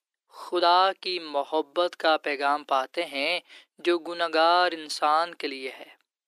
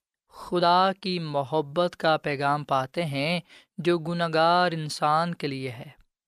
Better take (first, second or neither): second